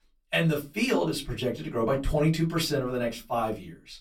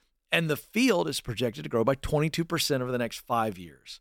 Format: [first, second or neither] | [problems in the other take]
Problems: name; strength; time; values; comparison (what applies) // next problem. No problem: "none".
second | off-mic speech; far // room echo; very slight; dies away in 0.2 s